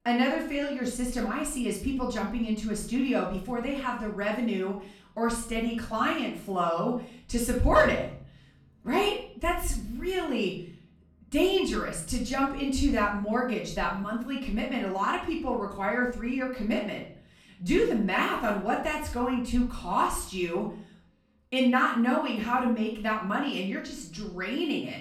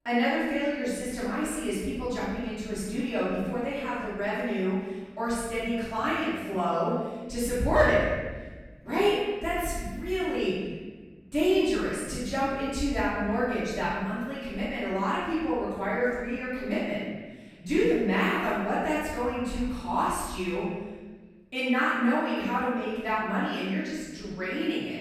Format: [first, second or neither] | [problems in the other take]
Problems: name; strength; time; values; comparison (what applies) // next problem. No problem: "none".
first | room echo; strong; dies away in 1.4 s; slight in the first // off-mic speech; far; far in the first